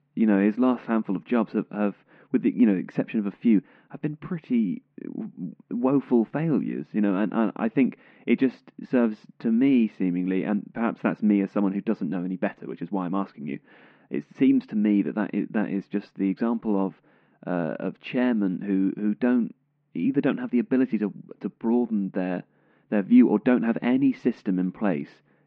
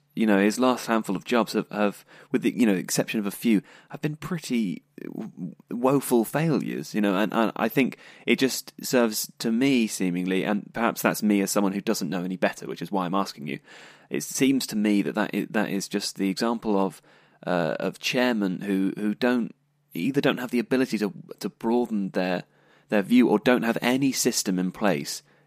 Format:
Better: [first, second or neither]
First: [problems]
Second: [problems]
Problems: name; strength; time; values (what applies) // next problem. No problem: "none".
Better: second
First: muffled; very; fading above 2.5 kHz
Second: none